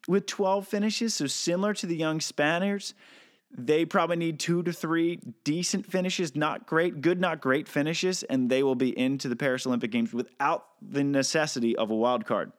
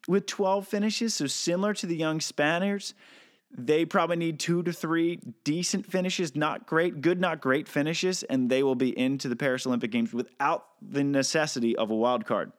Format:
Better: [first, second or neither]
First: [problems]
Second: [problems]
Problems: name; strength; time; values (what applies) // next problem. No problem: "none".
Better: neither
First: none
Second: none